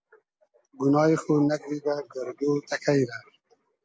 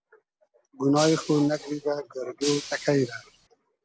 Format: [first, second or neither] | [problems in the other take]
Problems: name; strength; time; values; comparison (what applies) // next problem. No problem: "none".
first | background sound (Shatter); 11 dB below the speech